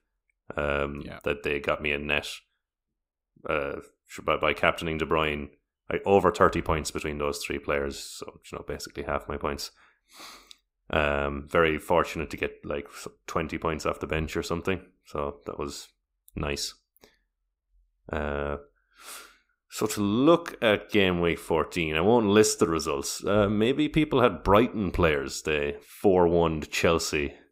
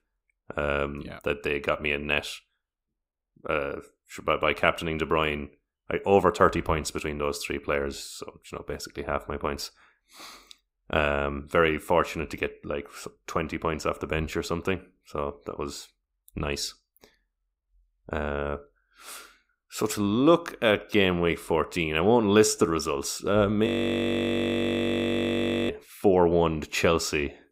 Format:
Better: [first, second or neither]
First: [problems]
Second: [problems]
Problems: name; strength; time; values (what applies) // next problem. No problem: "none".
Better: first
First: none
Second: audio freezing; at 24 s for 2 s